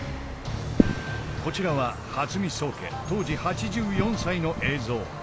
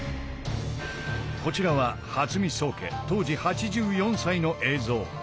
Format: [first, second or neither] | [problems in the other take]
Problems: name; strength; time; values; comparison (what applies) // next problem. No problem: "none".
second | background sound (Wind); 3 dB below the speech